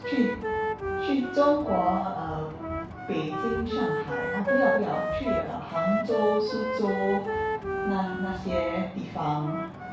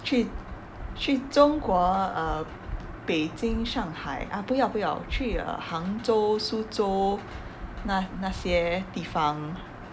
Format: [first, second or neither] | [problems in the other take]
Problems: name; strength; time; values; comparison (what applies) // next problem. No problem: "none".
second | background sound (Wind instrument, woodwind instrument); 2 dB below the speech // room echo; dies away in 0.6 s